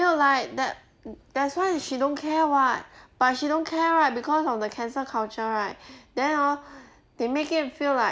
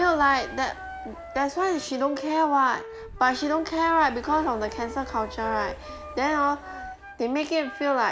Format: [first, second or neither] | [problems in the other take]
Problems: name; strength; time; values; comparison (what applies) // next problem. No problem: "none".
first | background sound (Wind instrument, woodwind instrument + Breathing); 14 dB below the speech